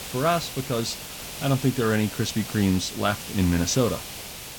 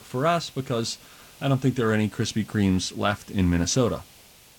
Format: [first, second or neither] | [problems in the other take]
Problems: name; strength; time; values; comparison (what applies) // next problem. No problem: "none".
second | hiss; loud; throughout; 10 dB below the speech; faint in the second